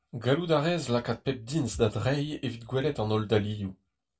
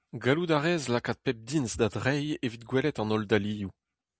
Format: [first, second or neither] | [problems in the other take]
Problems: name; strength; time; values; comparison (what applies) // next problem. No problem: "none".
second | room echo; dies away in 0.2 s